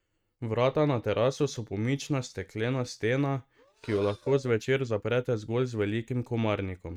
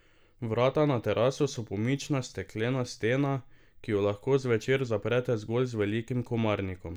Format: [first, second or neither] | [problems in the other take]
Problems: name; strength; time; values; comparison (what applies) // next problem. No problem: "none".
second | noise reduction (neural mask model RNNoise)